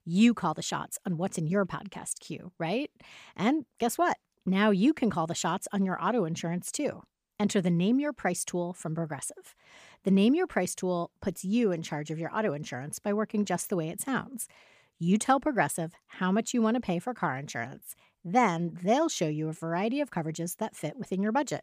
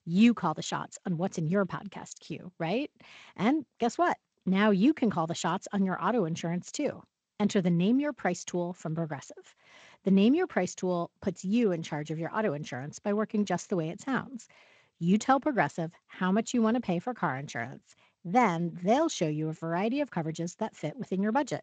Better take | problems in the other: first | garbled, watery; slightly; nothing above 7.5 kHz

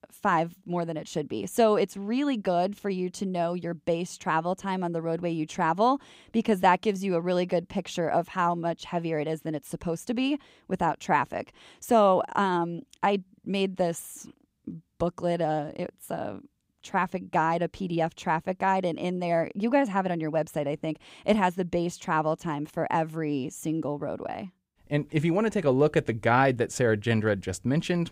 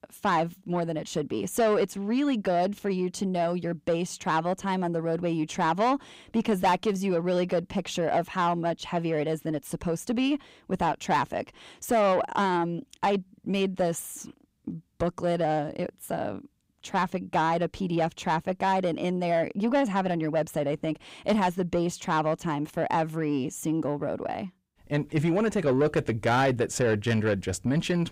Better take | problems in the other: first | distortion; slight; 10 dB below the speech

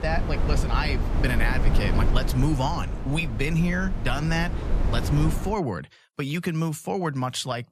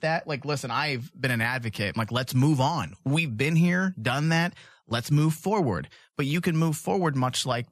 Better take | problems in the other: second | wind noise on the microphone; heavy; until 5.5 s; 7 dB below the speech

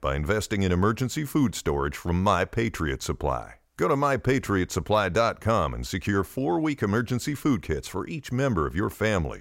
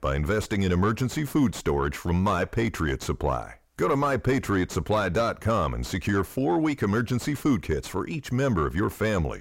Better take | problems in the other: first | distortion; slight; 10 dB below the speech

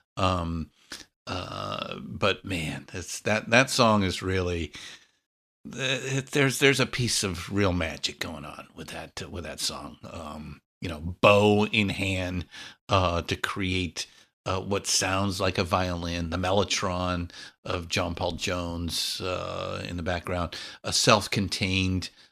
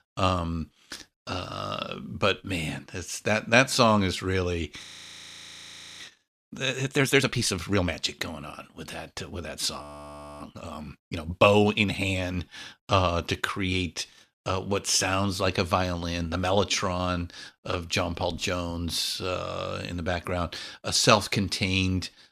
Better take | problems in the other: first | audio freezing; at 5 s for 1 s and at 10 s for 0.5 s

